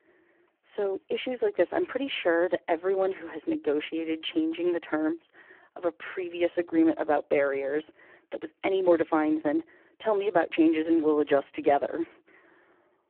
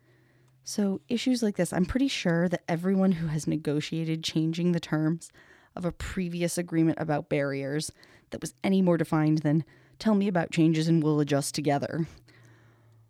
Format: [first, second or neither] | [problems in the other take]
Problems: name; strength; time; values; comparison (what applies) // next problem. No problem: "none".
second | phone-call audio; poor line